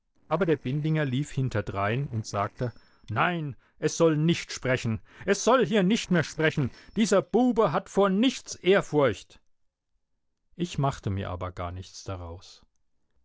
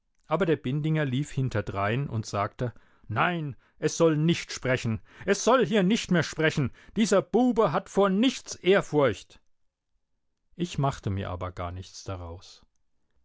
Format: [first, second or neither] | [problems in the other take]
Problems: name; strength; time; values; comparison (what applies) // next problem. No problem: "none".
second | noise reduction (neural separator model SepFormer DNS4)